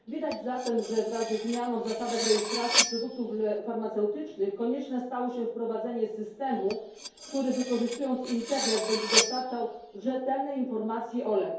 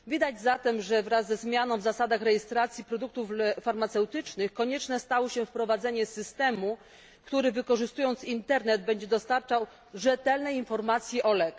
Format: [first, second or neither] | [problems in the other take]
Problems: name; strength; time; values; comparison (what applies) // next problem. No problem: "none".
second | background sound (Cutlery, silverware); 3 dB below the speech // room echo; dies away in 2.4 s